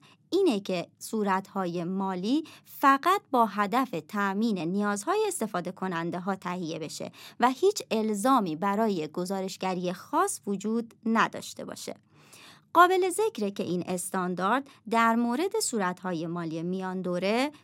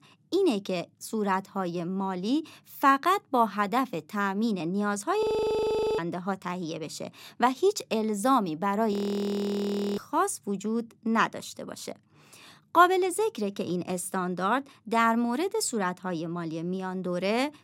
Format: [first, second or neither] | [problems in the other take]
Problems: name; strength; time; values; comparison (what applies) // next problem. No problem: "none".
first | audio freezing; at 5 s for 1 s and at 9 s for 1 s